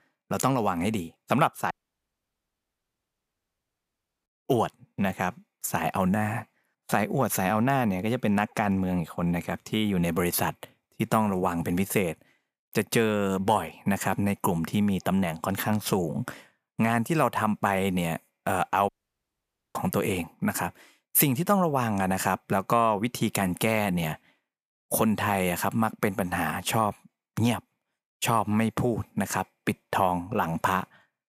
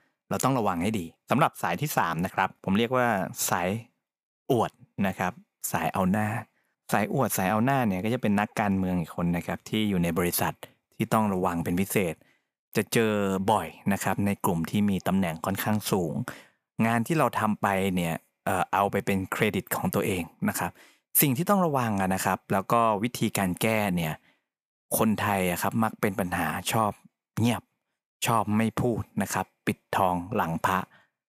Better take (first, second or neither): second